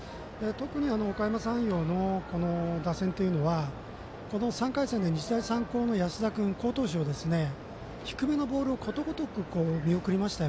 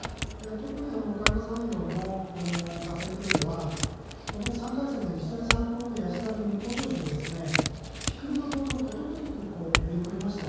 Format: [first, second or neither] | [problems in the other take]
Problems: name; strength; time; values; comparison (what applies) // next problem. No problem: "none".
first | background sound (Chink, clink / Domestic sounds, home sounds); 2 dB below the speech // room echo; dies away in 1.2 s